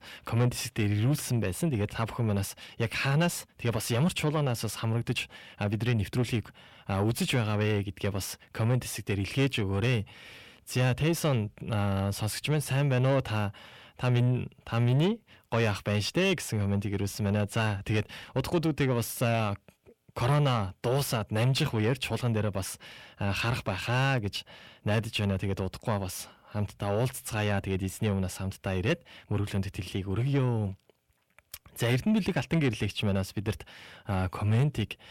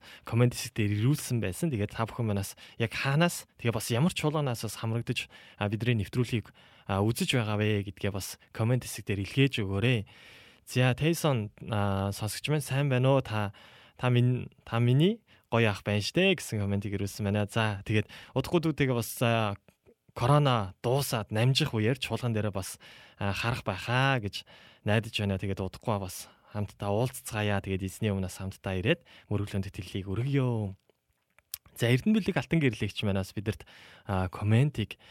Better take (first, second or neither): second